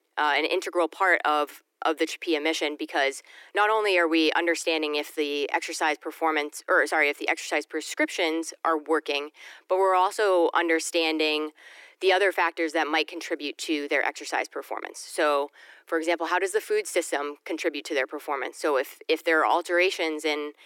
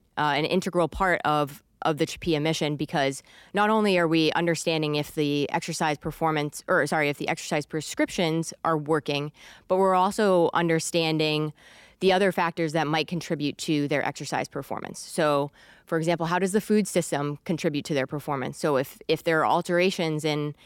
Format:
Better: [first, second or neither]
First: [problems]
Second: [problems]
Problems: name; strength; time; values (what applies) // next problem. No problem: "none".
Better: second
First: thin; somewhat; fading below 300 Hz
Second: none